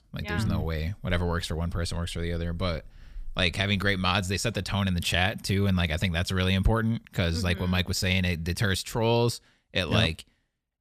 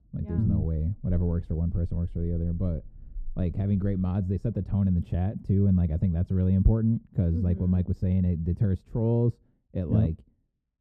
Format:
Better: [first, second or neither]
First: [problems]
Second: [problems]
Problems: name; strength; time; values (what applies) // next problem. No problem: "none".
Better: first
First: none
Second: muffled; very; fading above 1 kHz